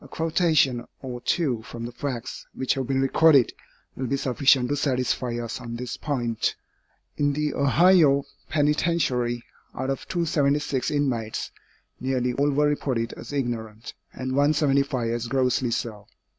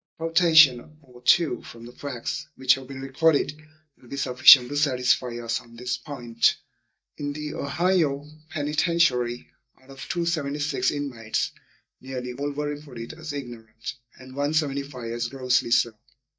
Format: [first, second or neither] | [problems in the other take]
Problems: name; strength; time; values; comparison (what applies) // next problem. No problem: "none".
first | noise reduction (neural mask model DeepFilterNet 3)